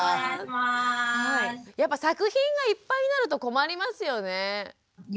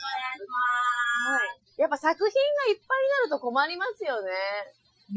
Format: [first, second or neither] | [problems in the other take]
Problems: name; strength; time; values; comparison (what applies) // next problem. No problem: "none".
first | noise reduction (classical method Wiener filter)